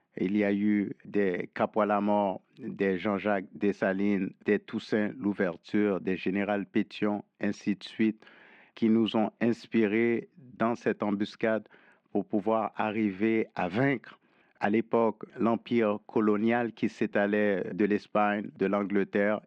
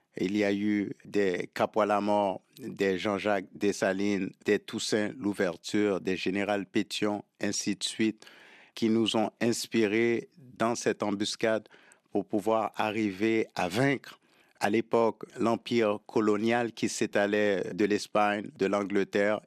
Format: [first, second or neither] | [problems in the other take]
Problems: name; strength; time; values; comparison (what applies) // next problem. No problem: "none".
second | muffled; very; fading above 2 kHz